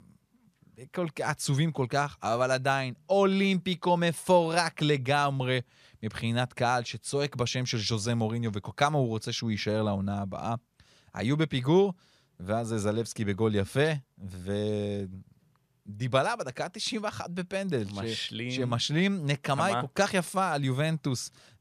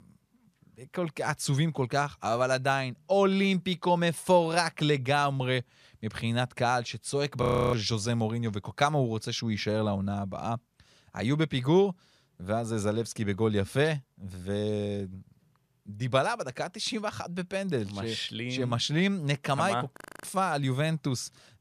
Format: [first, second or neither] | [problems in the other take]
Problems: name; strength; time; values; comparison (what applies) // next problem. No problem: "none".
first | audio freezing; at 7.5 s and at 20 s